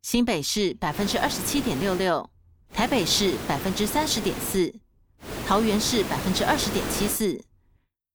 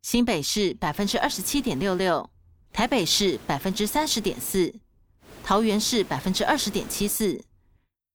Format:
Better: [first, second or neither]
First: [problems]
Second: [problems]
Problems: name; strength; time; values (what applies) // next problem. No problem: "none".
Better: second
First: hiss; loud; from 1 to 2 s, from 3 to 4.5 s and from 5.5 to 7 s; 8 dB below the speech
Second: hiss; faint; from 1 to 2 s, from 3 to 4.5 s and from 5.5 to 7 s; 20 dB below the speech